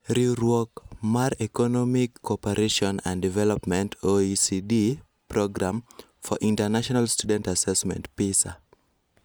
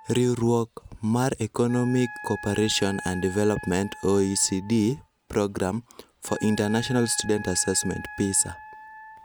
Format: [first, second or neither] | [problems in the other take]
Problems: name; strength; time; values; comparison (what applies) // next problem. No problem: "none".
first | background sound (Wind instrument, woodwind instrument); 16 dB below the speech